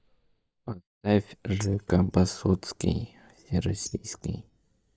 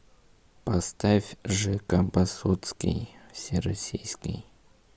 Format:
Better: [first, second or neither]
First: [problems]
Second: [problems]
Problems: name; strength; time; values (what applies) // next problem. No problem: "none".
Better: second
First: noise reduction (neural mask model DeepFilterNet 3)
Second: none